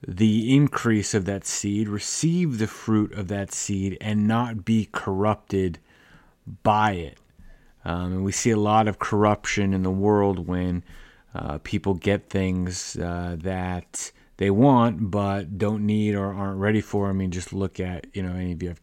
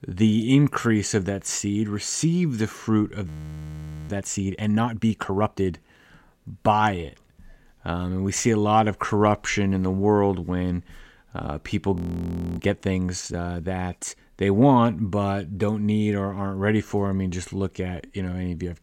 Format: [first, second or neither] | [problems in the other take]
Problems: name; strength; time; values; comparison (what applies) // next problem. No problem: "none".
first | audio freezing; at 3.5 s for 1 s and at 12 s for 0.5 s